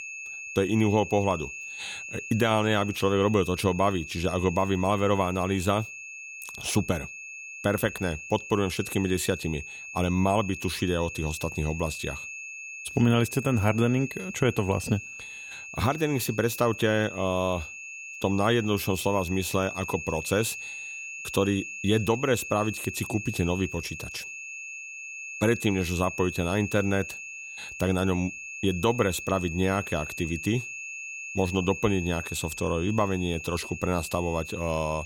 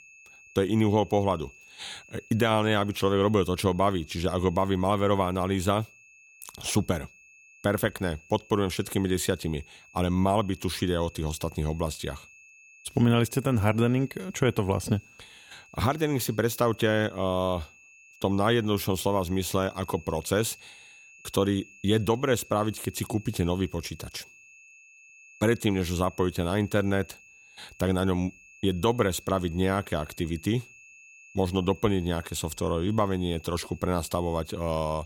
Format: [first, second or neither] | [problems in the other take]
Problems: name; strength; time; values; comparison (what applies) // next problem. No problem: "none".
second | high-pitched whine; loud; throughout; 2.5 kHz, 9 dB below the speech; faint in the second